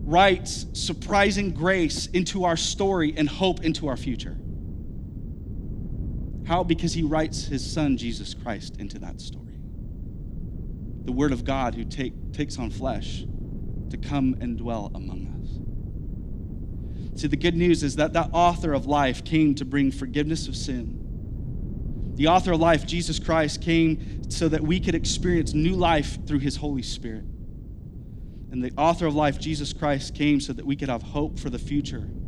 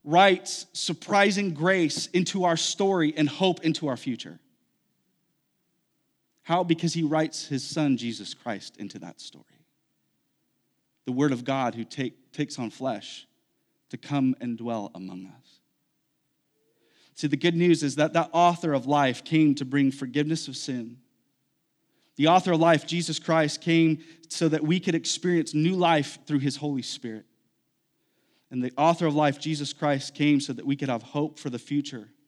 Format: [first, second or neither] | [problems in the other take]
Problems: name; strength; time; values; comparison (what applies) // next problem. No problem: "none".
second | wind noise on the microphone; occasional gusts; 20 dB below the speech